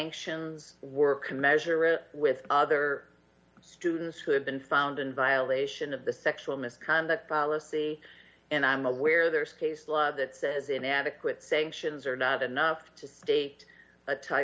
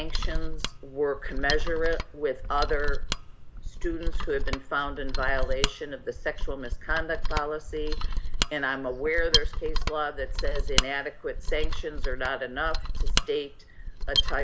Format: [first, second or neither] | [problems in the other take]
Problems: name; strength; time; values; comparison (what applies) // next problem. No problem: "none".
first | background sound (Mechanisms); 4 dB above the speech